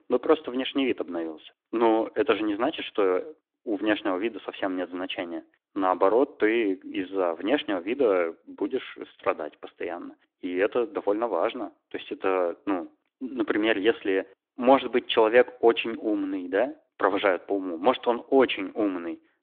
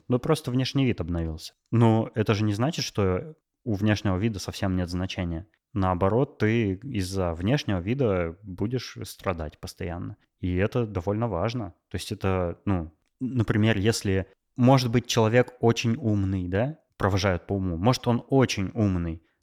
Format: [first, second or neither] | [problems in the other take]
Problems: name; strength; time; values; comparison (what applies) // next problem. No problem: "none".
second | phone-call audio; nothing above 3.5 kHz